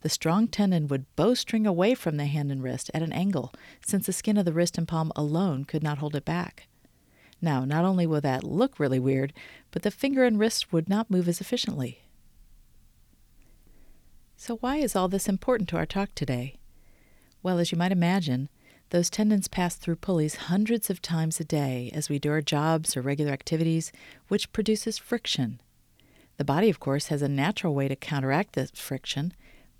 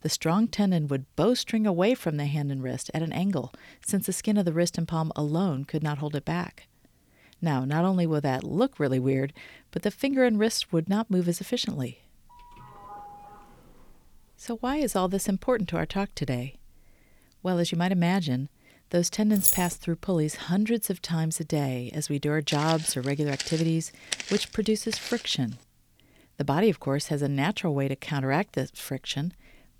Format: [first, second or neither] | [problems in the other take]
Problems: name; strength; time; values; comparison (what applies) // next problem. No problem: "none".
first | doorbell; faint; from 12 to 14 s; peak 15 dB below the speech // jangling keys; loud; at 19 s; peak 5 dB above the speech // footsteps; noticeable; from 23 to 25 s; peak 4 dB below the speech